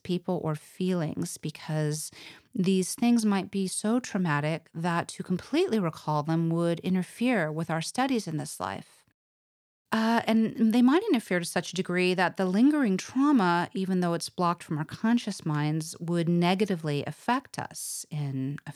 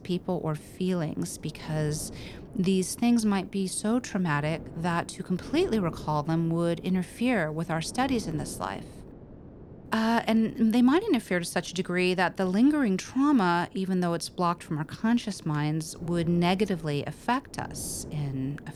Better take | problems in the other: first | wind noise on the microphone; occasional gusts; 20 dB below the speech

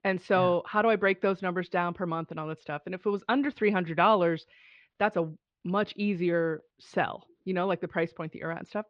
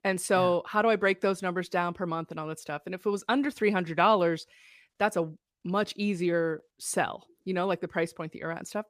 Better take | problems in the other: second | muffled; slightly; fading above 3.5 kHz

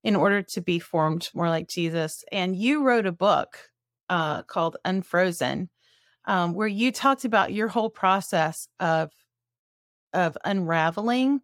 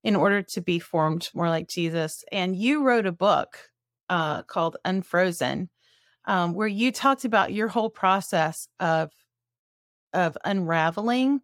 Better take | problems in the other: neither | none

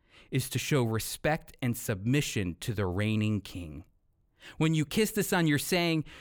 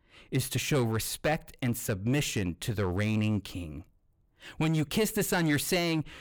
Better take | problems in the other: first | distortion; slight; 6% of the sound clipped

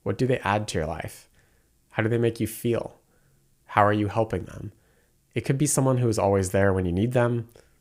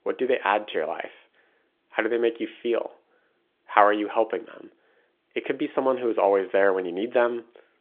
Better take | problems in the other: first | phone-call audio; nothing above 3.5 kHz

